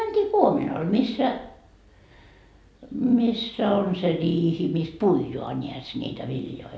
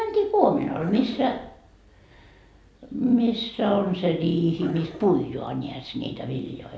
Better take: first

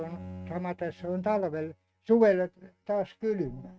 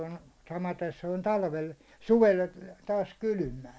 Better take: second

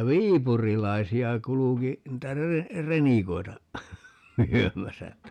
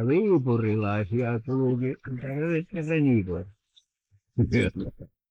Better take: first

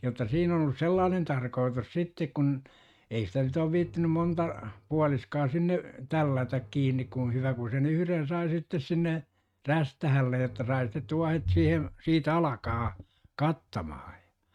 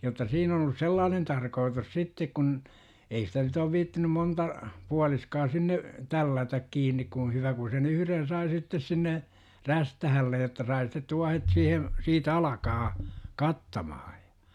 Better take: second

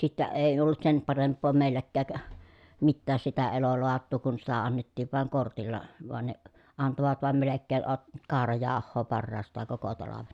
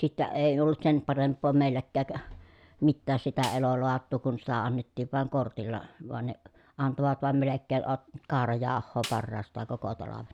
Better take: first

